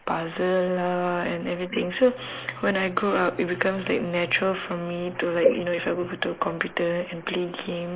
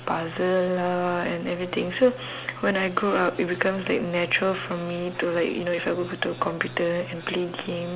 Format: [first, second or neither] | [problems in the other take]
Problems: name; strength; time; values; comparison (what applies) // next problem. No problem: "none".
second | noise reduction (neural mask model Resemble Enhance denoiser)